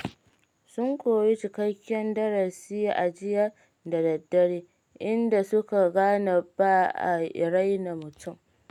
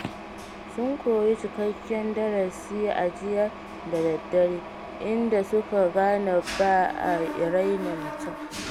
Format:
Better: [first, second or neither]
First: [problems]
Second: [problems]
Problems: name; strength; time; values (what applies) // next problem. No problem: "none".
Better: first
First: none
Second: background sound (Mechanisms); 11 dB below the speech